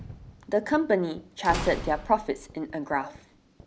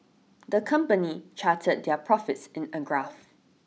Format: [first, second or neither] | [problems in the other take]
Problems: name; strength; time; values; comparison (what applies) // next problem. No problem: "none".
second | background sound (Slam / Wood + Fireworks); 11 dB below the speech